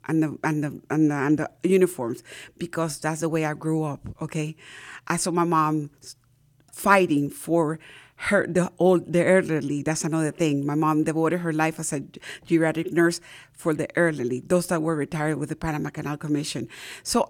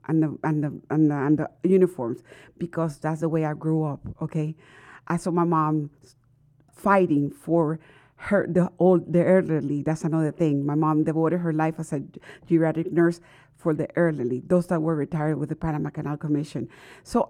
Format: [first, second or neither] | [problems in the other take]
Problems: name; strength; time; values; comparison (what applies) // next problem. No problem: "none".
first | muffled; slightly; fading above 2 kHz